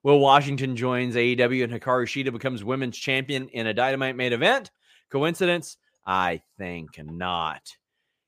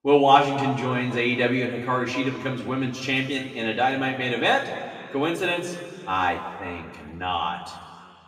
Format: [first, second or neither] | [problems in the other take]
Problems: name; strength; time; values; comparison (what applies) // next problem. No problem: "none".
first | room echo; noticeable; dies away in 1.9 s // off-mic speech; far